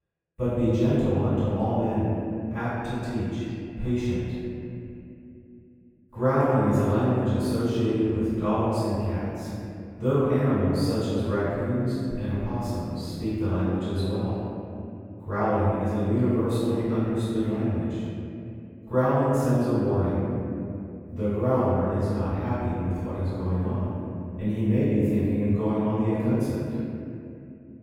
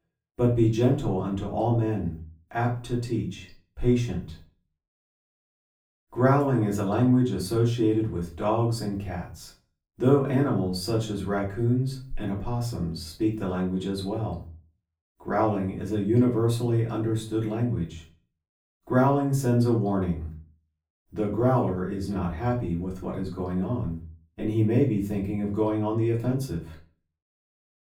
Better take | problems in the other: second | room echo; strong; dies away in 2.7 s; slight in the second // off-mic speech; far; far in the second

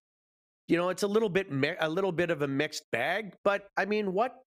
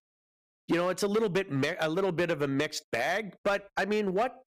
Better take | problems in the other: first | distortion; slight; 7% of the sound clipped

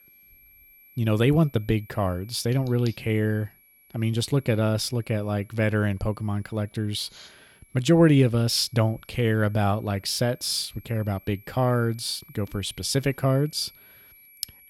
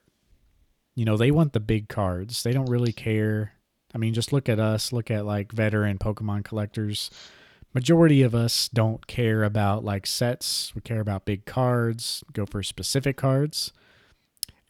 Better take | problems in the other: second | high-pitched whine; faint; throughout; 11.5 kHz, 25 dB below the speech

